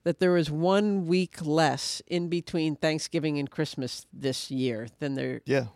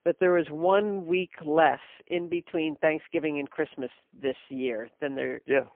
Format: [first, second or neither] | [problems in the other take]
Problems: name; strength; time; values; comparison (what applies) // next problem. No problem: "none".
first | phone-call audio; poor line; nothing above 3 kHz